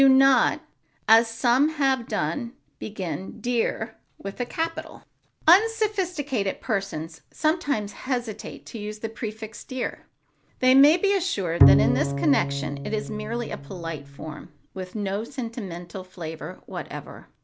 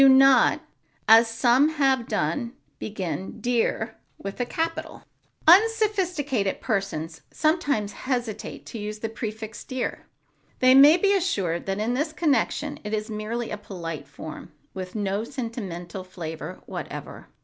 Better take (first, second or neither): second